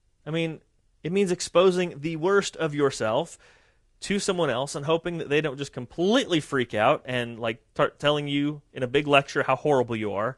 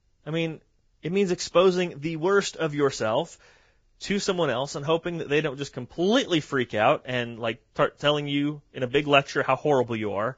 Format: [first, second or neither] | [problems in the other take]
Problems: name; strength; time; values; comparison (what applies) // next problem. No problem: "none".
first | garbled, watery; badly; nothing above 7.5 kHz; slightly in the first